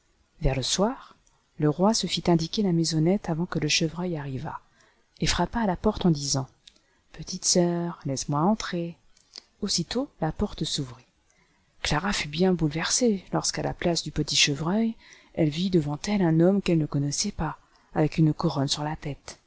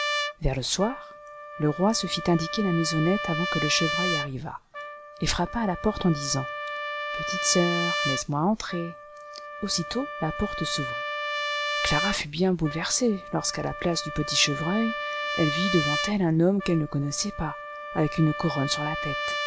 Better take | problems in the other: first | background sound (Trumpet); 5 dB below the speech

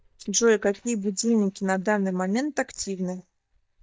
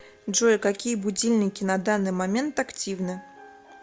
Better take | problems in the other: second | noise reduction (neural mask model DeepFilterNet 3)

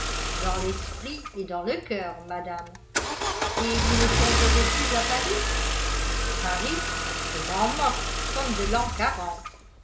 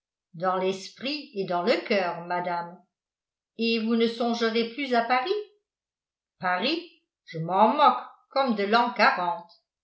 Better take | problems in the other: second | background sound (Engine starting / Car); 4 dB above the speech // room echo; dies away in 0.3 s

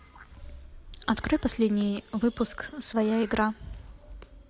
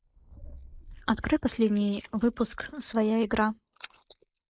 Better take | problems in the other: first | noise reduction (neural mask model Resemble Enhance denoiser)

